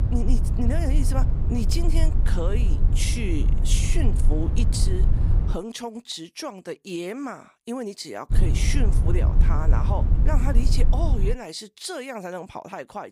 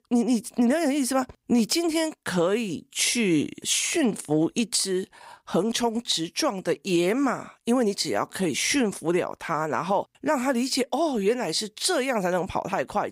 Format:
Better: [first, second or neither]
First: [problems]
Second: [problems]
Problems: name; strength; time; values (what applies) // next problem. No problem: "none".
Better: second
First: low rumble; loud; until 5.5 s and from 8.5 to 11 s; 6 dB below the speech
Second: none